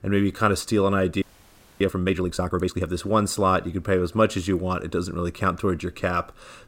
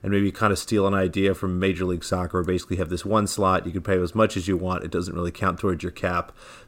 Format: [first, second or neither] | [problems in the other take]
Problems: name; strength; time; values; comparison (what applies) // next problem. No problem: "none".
second | audio freezing; at 1 s for 0.5 s